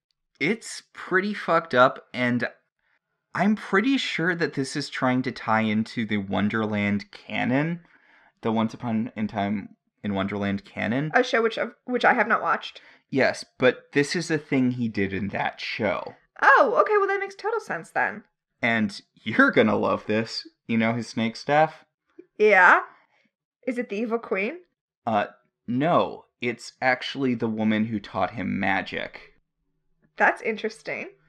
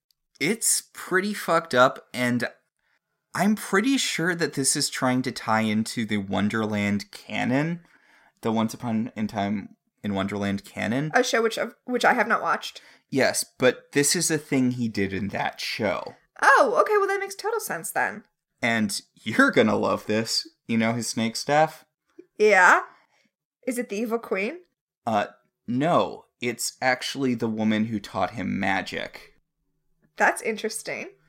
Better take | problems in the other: second | muffled; slightly; fading above 3 kHz

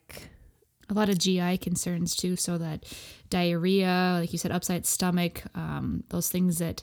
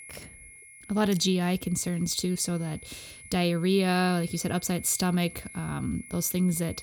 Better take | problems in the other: first | high-pitched whine; noticeable; throughout; 2 kHz, 20 dB below the speech

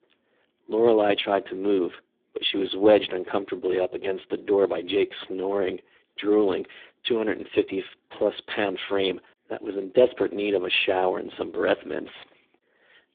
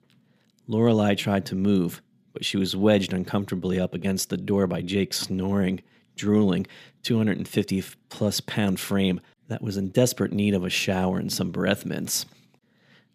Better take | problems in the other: second | phone-call audio; poor line; nothing above 3.5 kHz

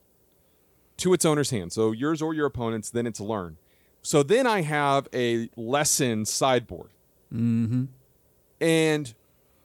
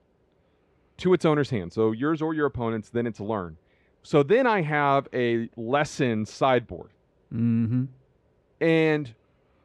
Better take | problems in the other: first | muffled; very; fading above 2.5 kHz

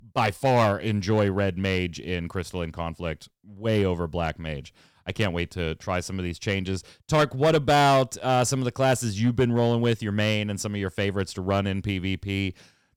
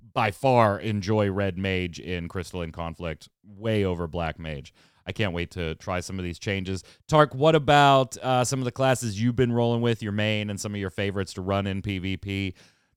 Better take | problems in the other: second | distortion; slight; 3% of the sound clipped

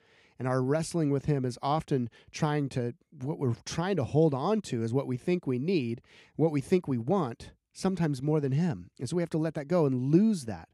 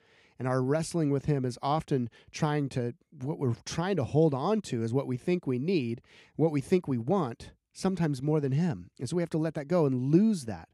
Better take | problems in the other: neither | none

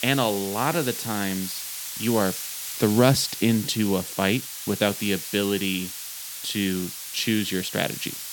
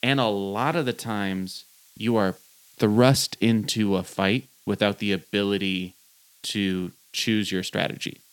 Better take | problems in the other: second | hiss; loud; throughout; 7 dB below the speech; faint in the second

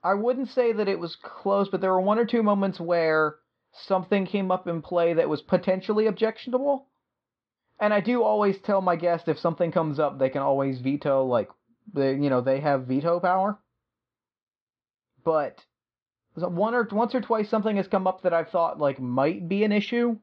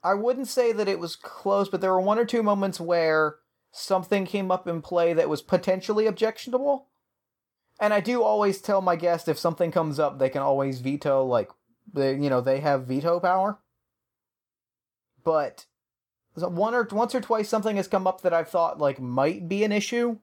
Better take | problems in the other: second | muffled; very slightly; fading above 4 kHz

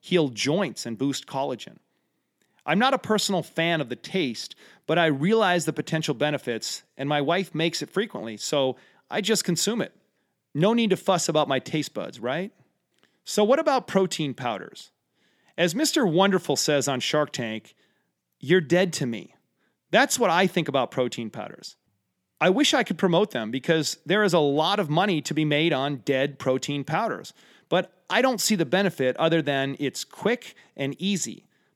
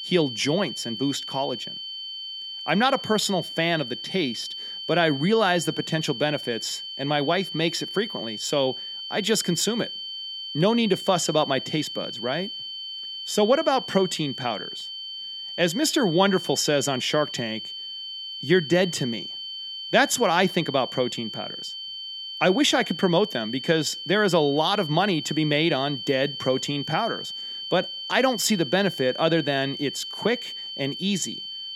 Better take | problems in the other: first | high-pitched whine; loud; throughout; 3 kHz, 8 dB below the speech

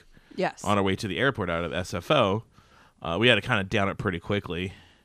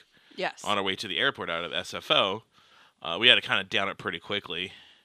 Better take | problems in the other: first | thin; somewhat; fading below 800 Hz

